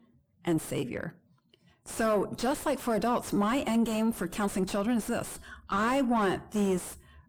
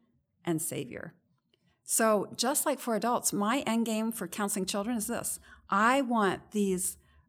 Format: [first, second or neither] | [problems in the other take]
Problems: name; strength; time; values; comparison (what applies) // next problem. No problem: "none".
second | distortion; heavy; 4 dB below the speech